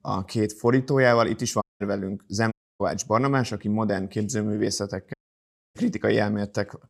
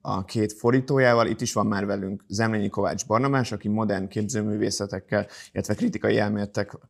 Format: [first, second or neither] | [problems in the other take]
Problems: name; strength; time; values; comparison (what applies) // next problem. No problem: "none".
second | audio cutting out; at 1.5 s, at 2.5 s and at 5 s for 0.5 s